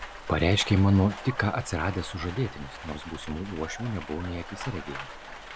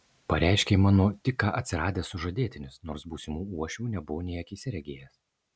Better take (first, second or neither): second